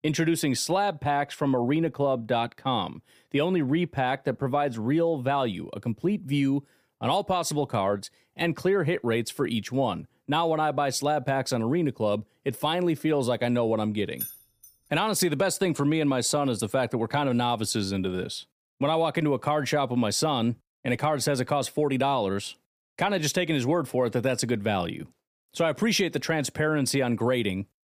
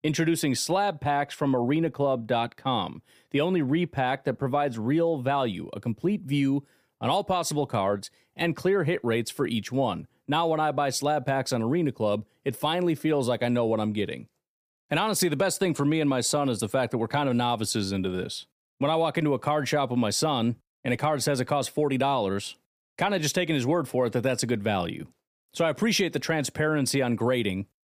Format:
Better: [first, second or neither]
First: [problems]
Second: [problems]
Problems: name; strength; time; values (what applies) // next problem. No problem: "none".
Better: second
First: jangling keys; noticeable; at 14 s; peak 8 dB below the speech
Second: none